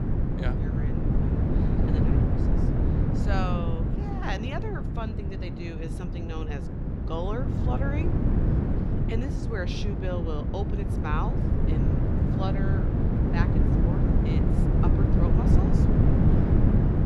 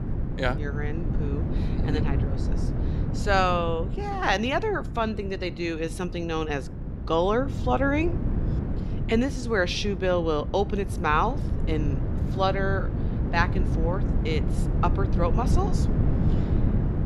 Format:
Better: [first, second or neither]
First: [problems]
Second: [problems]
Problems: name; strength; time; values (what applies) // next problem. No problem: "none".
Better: second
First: wind noise on the microphone; heavy; 2 dB above the speech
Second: wind noise on the microphone; occasional gusts; 10 dB below the speech